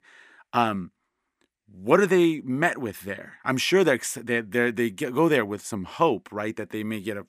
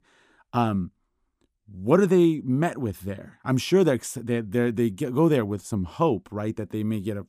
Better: second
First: thin; very slightly; fading below 900 Hz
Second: none

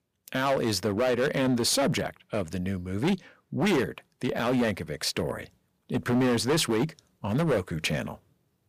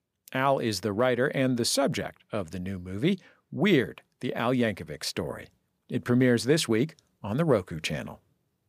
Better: second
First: distortion; heavy; 10% of the sound clipped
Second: none

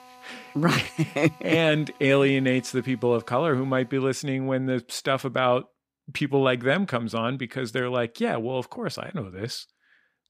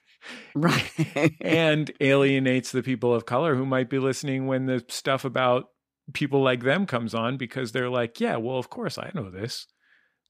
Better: second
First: machinery noise; faint; until 4 s; 25 dB below the speech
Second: none

